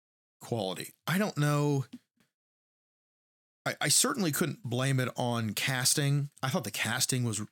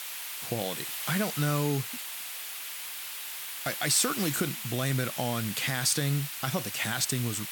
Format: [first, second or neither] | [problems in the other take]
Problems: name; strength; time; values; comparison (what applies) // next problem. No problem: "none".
first | hiss; loud; throughout; 5 dB below the speech